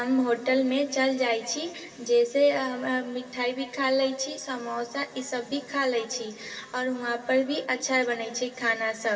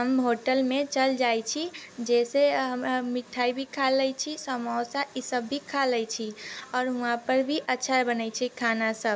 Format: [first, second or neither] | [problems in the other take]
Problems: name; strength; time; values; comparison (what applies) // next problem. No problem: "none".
second | room echo; dies away in 1.9 s